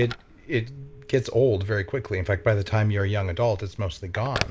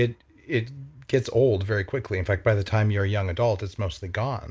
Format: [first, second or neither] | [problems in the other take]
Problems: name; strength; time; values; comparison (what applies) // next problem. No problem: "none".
second | background sound (Telephone); 14 dB below the speech